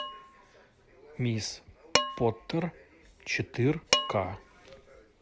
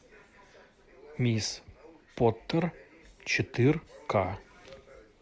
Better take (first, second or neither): second